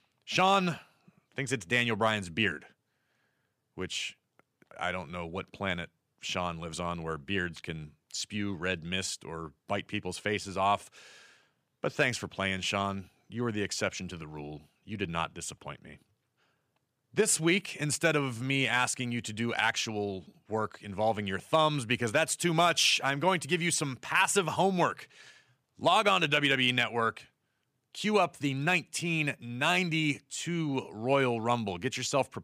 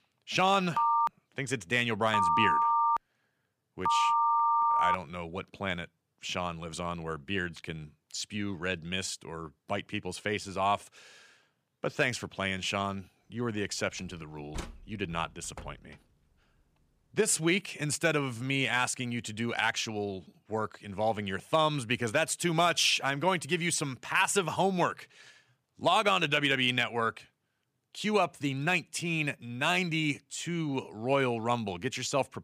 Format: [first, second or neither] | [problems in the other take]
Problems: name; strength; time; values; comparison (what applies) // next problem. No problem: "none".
first | phone ringing; loud; from 1 to 5 s; peak 5 dB above the speech // door banging; faint; from 14 to 16 s; peak 10 dB below the speech